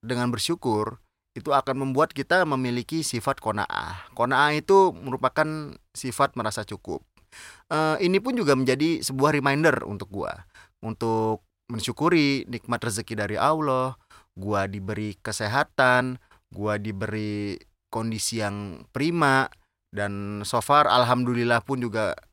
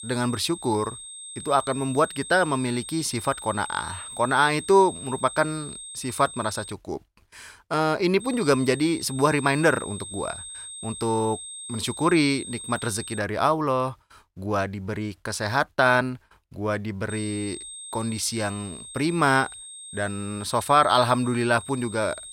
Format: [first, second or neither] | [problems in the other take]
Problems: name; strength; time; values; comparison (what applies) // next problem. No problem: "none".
first | high-pitched whine; noticeable; until 6.5 s, from 8 to 13 s and from 17 s on; 8.5 kHz, 10 dB below the speech